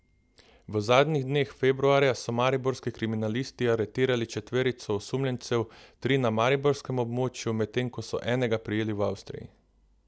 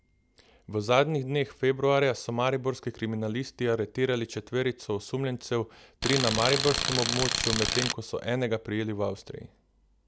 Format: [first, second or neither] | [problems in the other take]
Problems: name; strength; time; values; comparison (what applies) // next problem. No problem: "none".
first | background sound (Tools); as loud as the speech